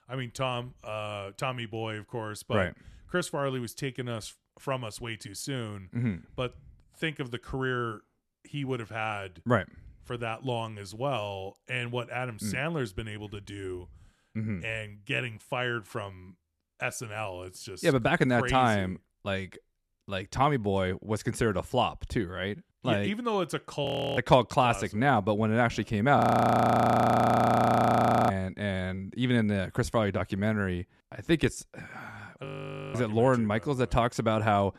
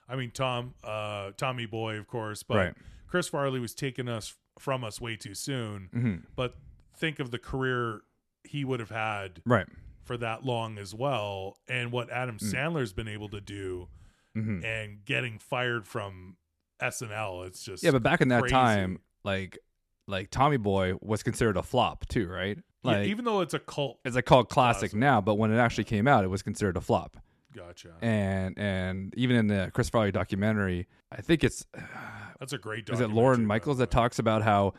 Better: second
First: audio freezing; at 24 s, at 26 s for 2 s and at 32 s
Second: none

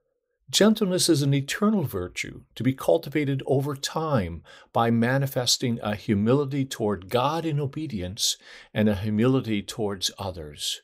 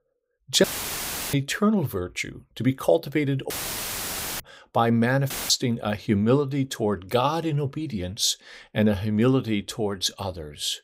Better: first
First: none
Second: audio cutting out; filled with static; at 0.5 s for 0.5 s, at 3.5 s for 1 s and at 5.5 s

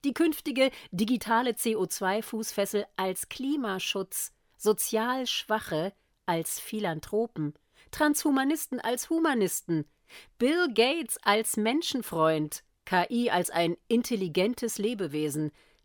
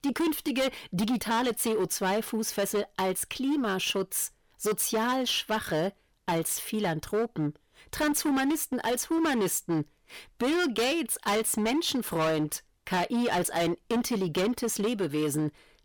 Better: first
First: none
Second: distortion; heavy; 17% of the sound clipped

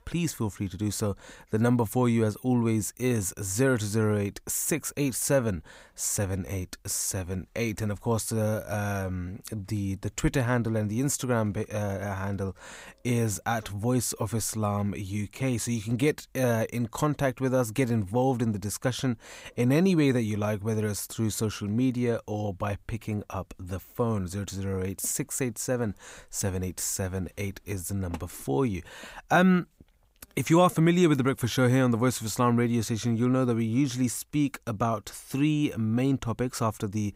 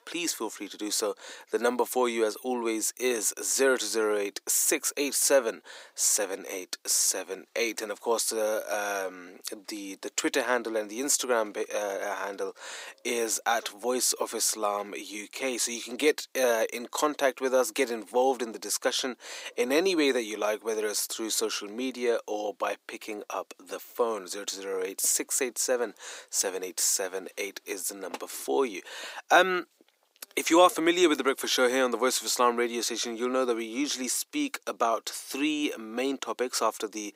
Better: first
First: none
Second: thin; somewhat; fading below 350 Hz

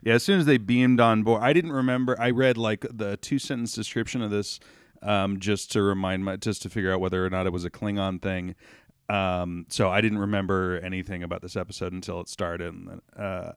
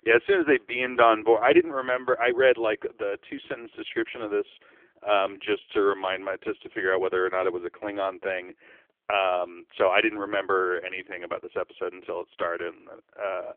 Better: first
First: none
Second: phone-call audio; poor line; nothing above 3.5 kHz

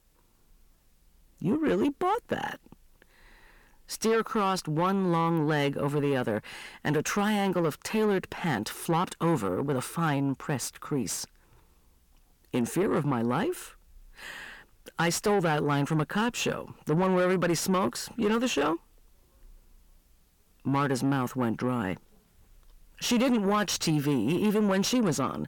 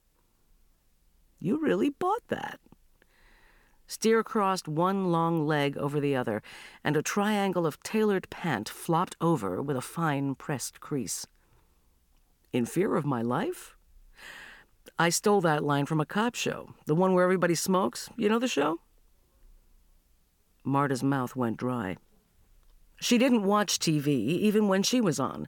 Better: second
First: distortion; slight; 10 dB below the speech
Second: none

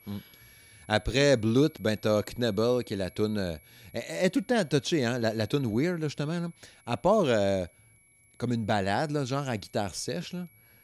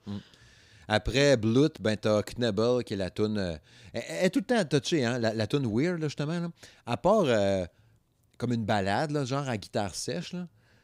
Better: second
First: high-pitched whine; faint; throughout; 2.5 kHz, 30 dB below the speech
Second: none

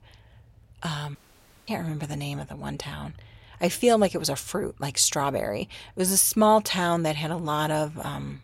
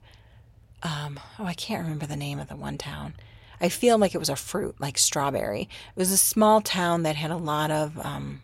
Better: second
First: audio cutting out; at 1 s for 0.5 s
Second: none

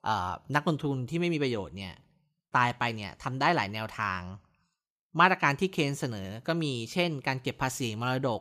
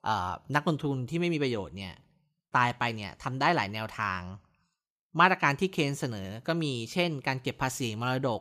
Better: neither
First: none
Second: none

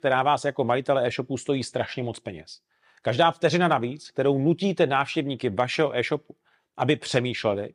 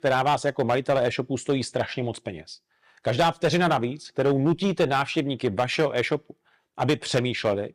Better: first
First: none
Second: distortion; slight; 6% of the sound clipped

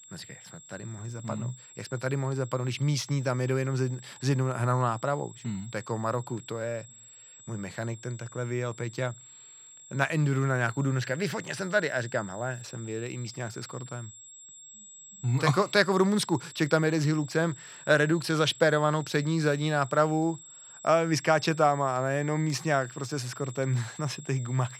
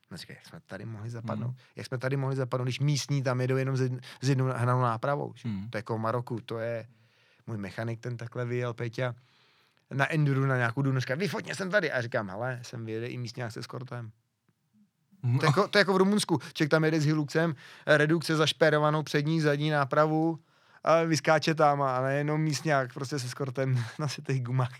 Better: second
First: high-pitched whine; noticeable; throughout; 7.5 kHz, 20 dB below the speech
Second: none

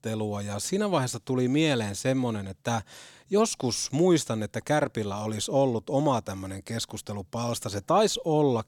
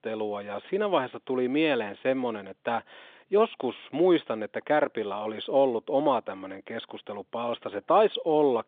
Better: first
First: none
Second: phone-call audio; nothing above 3.5 kHz

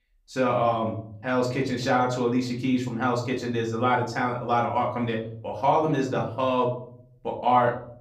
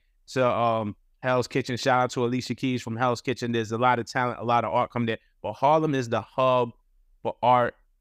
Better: second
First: room echo; slight; dies away in 0.7 s // off-mic speech; far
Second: none

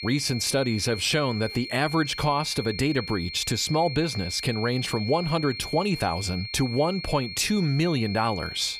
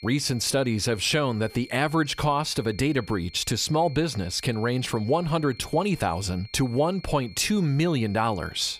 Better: second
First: high-pitched whine; loud; throughout; 4.5 kHz, 9 dB below the speech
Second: high-pitched whine; faint; throughout; 4.5 kHz, 20 dB below the speech

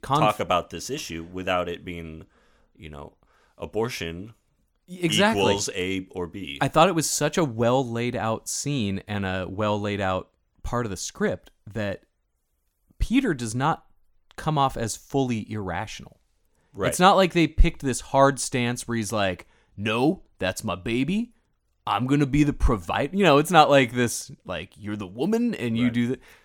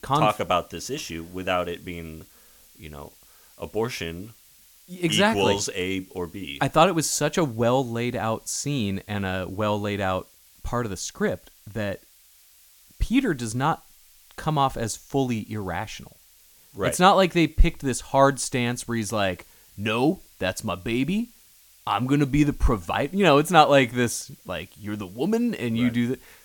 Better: first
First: none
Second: hiss; faint; throughout; 25 dB below the speech

